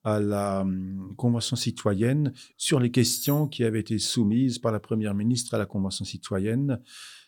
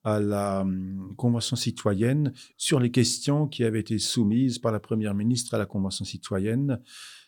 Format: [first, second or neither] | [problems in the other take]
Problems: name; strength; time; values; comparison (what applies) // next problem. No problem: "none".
second | clattering dishes; noticeable; at 3 s; peak 6 dB below the speech